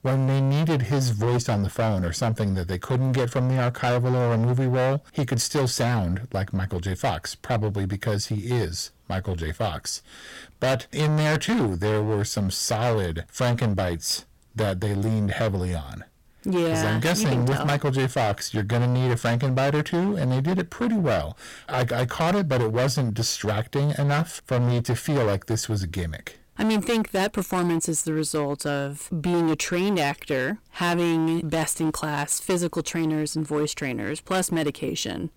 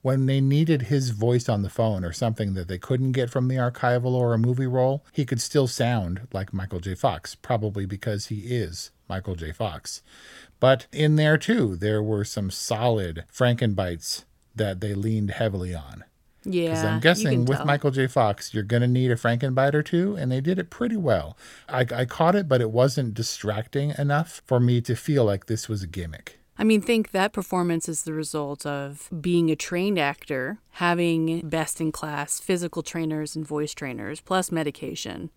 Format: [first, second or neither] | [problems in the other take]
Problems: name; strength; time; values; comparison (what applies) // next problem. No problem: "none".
second | distortion; heavy; 21% of the sound clipped